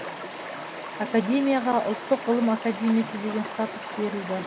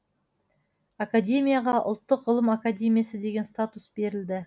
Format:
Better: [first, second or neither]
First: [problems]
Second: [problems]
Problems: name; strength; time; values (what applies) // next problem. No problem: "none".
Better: second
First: background sound (Stream); 9 dB below the speech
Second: none